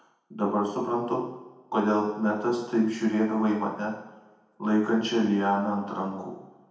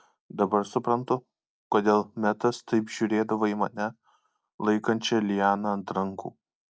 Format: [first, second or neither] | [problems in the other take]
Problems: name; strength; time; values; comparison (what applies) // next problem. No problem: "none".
second | room echo; dies away in 0.9 s